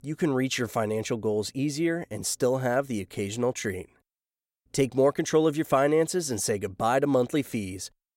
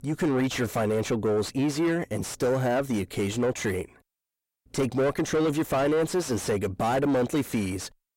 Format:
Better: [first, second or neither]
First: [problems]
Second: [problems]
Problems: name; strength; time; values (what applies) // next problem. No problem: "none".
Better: first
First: none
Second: distortion; heavy; 7 dB below the speech